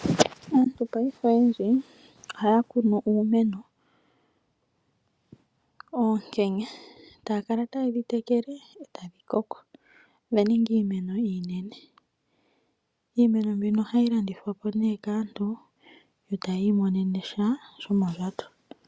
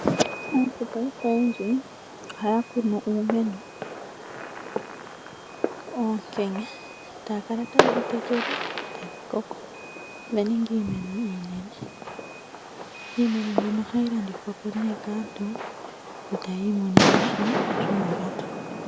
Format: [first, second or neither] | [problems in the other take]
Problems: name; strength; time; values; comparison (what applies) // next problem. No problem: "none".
first | background sound (Fireworks); 1 dB below the speech